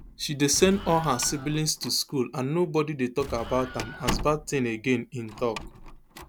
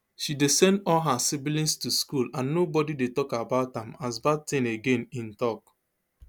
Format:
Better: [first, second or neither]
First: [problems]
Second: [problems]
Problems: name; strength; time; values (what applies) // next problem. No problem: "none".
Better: second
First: background sound (Slam + Explosion); 11 dB below the speech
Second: none